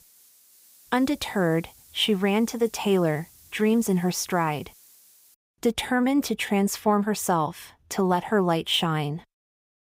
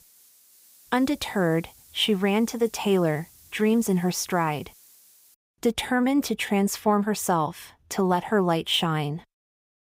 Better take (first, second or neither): neither